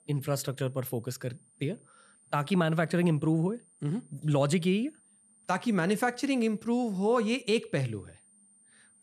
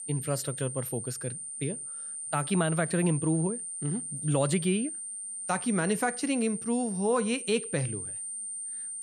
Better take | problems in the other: first | high-pitched whine; loud; throughout; 9 kHz, 5 dB below the speech; faint in the first

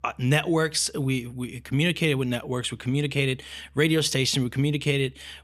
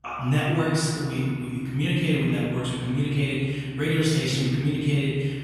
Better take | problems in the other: first | off-mic speech; far // room echo; strong; dies away in 2.5 s

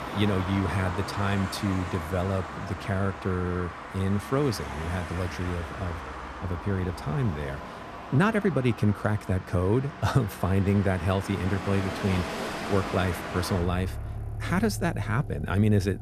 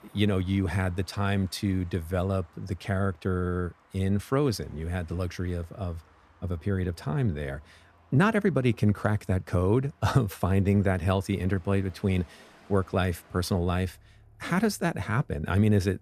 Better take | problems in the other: second | traffic noise; loud; throughout; 8 dB below the speech; faint in the second

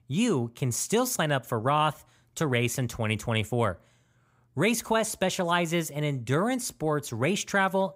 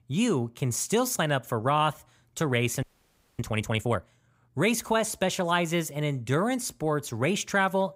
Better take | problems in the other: first | audio freezing; at 3 s for 0.5 s

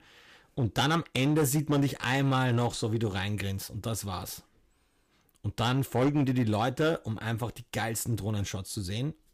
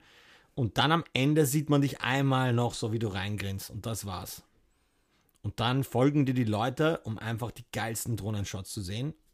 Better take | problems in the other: second | distortion; slight; 5% of the sound clipped

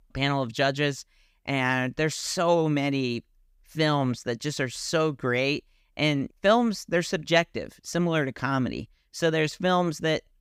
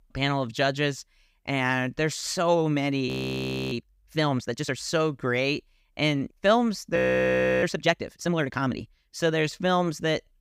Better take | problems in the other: first | audio freezing; at 3 s for 0.5 s and at 7 s for 0.5 s

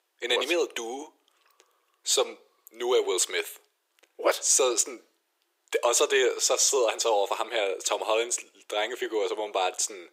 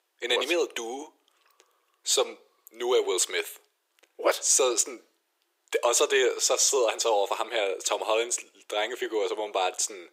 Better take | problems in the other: neither | thin; very; fading below 350 Hz; the same in both

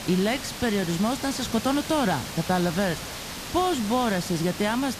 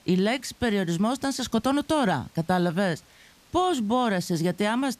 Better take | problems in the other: second | hiss; loud; throughout; 8 dB below the speech; faint in the second

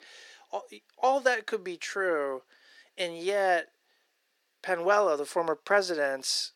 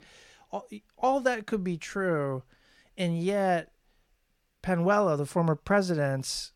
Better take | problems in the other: second | thin; very; fading below 350 Hz

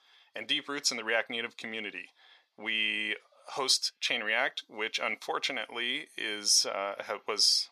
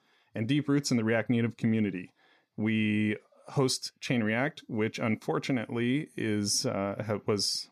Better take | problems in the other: second | thin; very; fading below 800 Hz

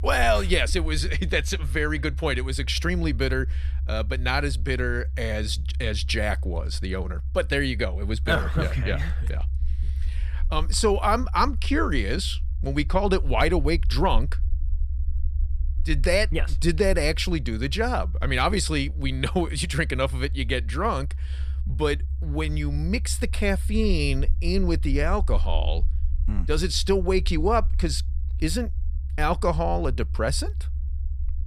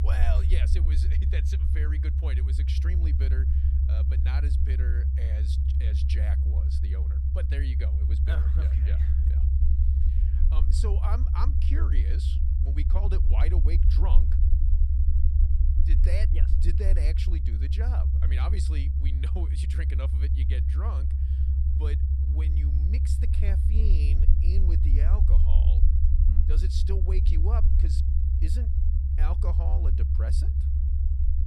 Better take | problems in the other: first | low rumble; loud; throughout; 1 dB below the speech; faint in the first

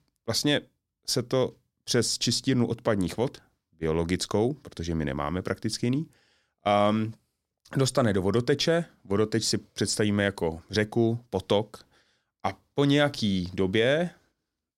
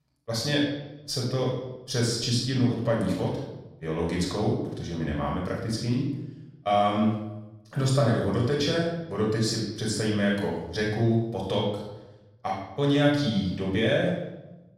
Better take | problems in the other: first | off-mic speech; far // room echo; noticeable; dies away in 0.8 s

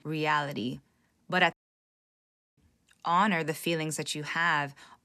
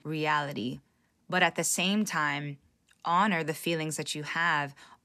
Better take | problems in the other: second | audio cutting out; at 1.5 s for 1 s

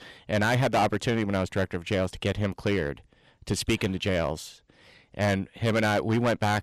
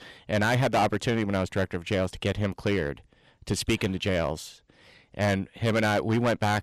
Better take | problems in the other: neither | distortion; heavy; 8% of the sound clipped; the same in both

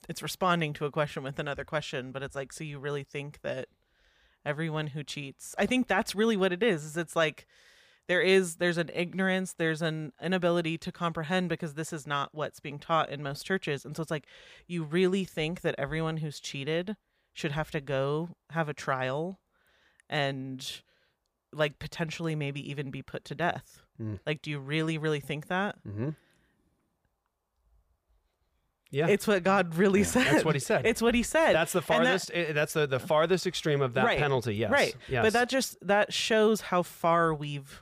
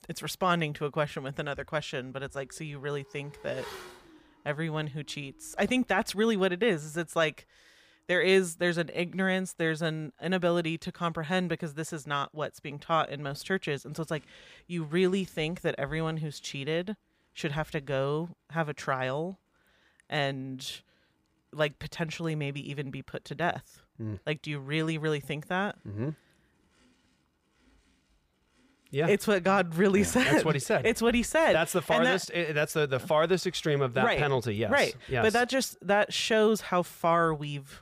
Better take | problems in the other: first | traffic noise; faint; throughout; 25 dB below the speech

